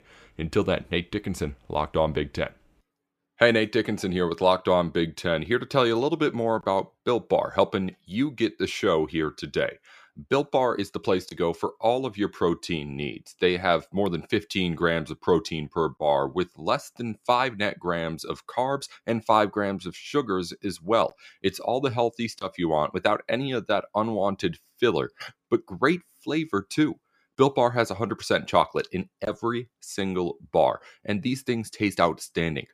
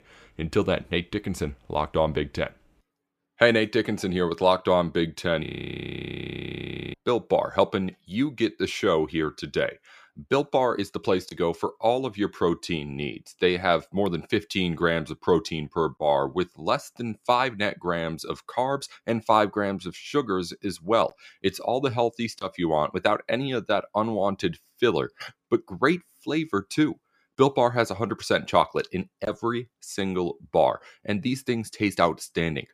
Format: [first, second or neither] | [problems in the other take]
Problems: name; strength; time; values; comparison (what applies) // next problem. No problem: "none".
first | audio freezing; at 5.5 s for 1.5 s